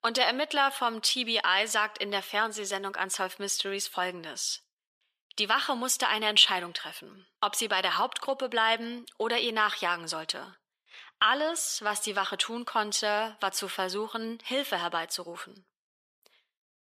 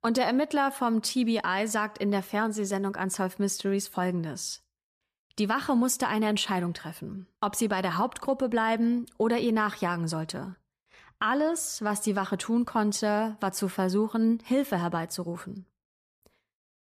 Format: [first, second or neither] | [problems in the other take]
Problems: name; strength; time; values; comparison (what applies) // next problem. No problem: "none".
second | thin; somewhat; fading below 450 Hz